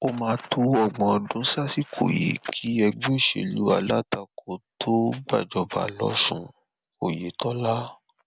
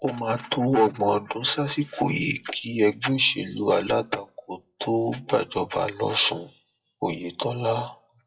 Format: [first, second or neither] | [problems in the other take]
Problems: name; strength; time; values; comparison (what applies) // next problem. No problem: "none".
first | noise reduction (classical method WPE with log-MMSE)